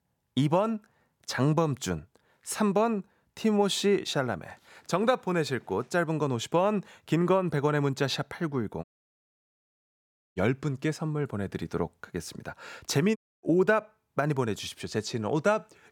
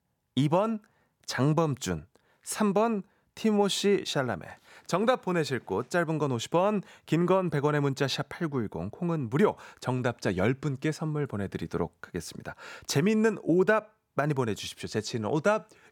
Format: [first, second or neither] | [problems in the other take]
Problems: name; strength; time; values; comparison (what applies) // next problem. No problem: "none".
second | audio cutting out; at 9 s for 1.5 s and at 13 s